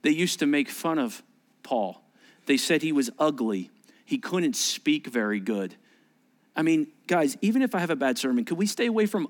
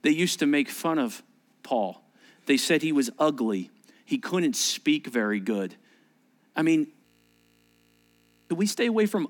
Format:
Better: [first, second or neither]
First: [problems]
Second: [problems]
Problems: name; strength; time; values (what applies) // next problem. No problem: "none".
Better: first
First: none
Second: audio freezing; at 7 s for 1.5 s